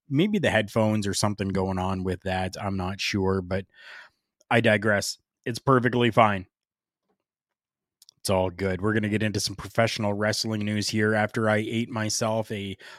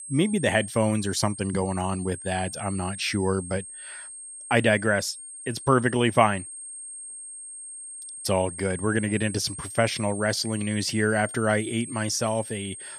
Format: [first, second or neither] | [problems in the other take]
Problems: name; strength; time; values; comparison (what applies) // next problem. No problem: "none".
first | high-pitched whine; noticeable; throughout; 8.5 kHz, 10 dB below the speech